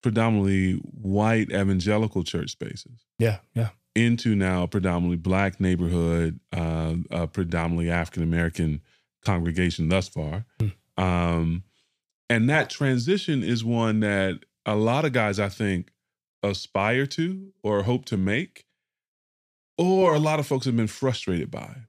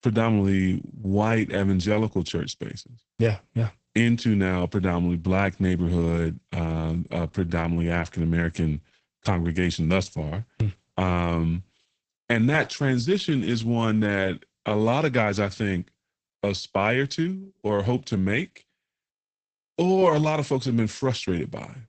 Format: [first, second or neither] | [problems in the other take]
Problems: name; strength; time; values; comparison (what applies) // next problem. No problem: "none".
first | garbled, watery; badly; nothing above 8 kHz